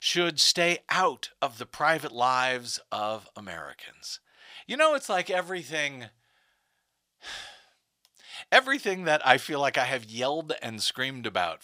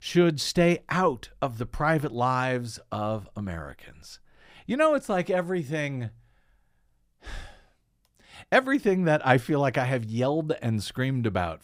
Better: second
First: thin; somewhat; fading below 1 kHz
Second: none

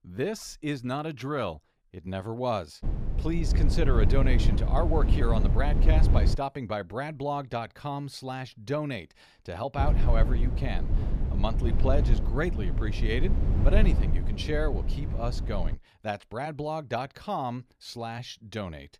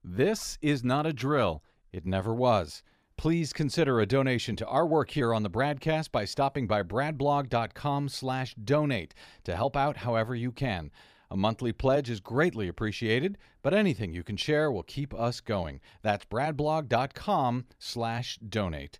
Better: second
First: low rumble; loud; from 3 to 6.5 s and from 10 to 16 s; 8 dB below the speech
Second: none

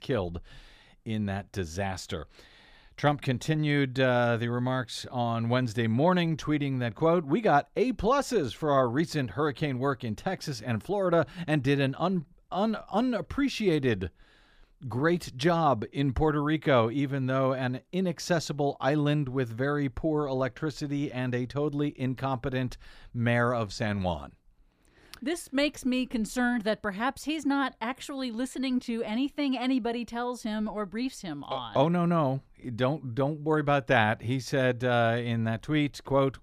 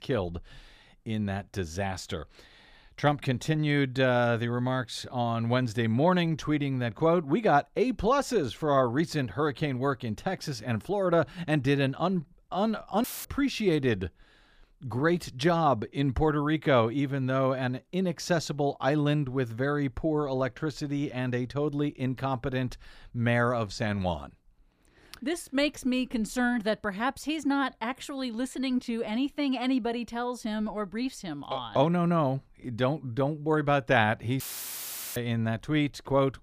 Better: first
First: none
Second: audio cutting out; filled with static; at 13 s and at 34 s for 1 s

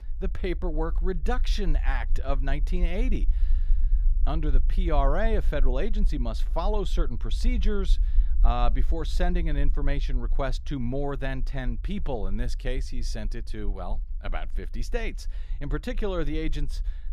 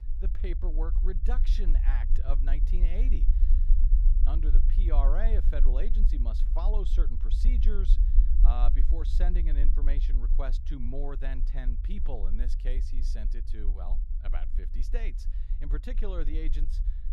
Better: first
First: low rumble; faint; throughout; 20 dB below the speech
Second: low rumble; loud; throughout; 9 dB below the speech

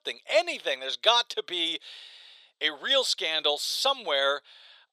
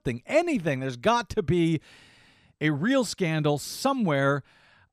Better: second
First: thin; very; fading below 500 Hz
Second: none

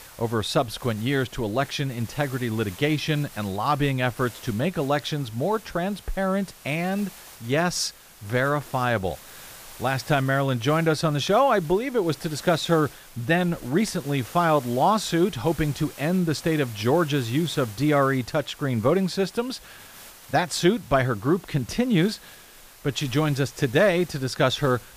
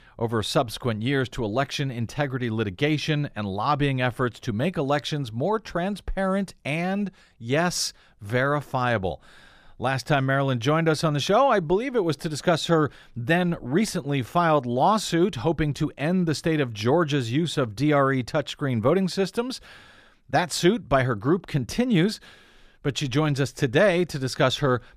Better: second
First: hiss; noticeable; throughout; 20 dB below the speech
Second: none

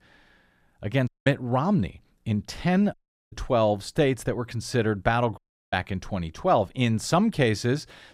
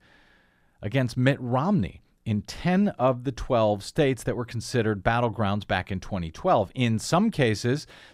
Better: second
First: audio cutting out; at 1 s, at 3 s and at 5.5 s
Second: none

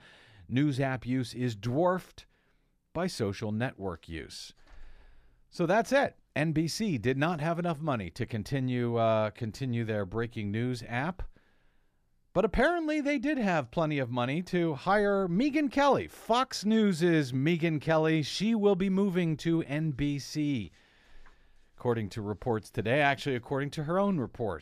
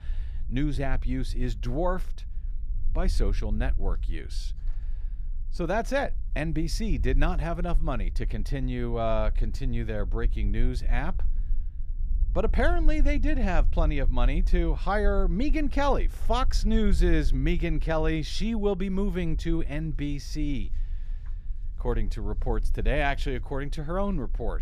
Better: first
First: none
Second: low rumble; faint; throughout; 25 dB below the speech

